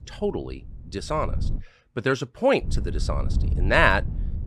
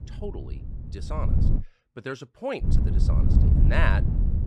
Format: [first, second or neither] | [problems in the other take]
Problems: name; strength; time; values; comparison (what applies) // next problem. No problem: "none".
first | wind noise on the microphone; heavy; until 1.5 s and from 2.5 s on; 5 dB below the speech; occasional gusts in the first